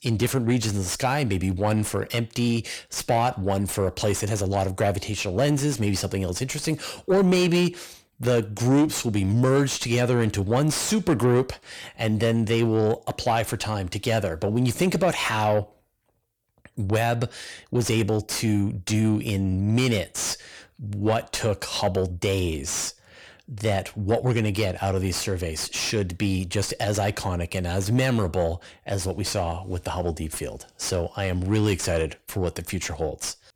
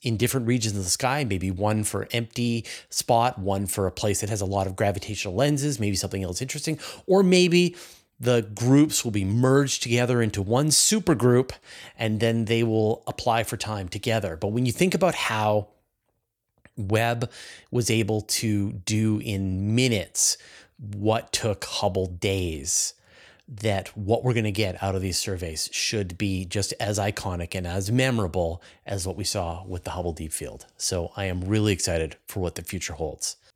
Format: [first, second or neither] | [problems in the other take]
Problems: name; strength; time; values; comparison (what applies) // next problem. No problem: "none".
second | distortion; slight; 10 dB below the speech